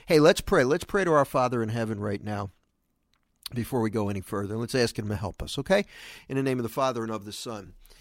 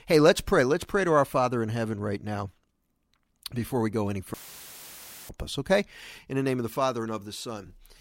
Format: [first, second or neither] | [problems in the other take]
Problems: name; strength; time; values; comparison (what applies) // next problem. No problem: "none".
first | audio cutting out; filled with static; at 4.5 s for 1 s